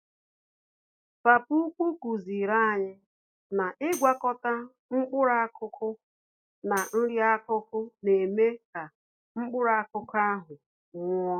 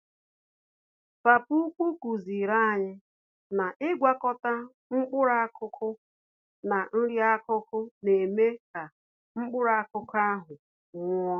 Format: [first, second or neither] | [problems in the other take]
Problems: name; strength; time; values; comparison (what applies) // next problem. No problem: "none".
second | noise reduction (classical method log-MMSE)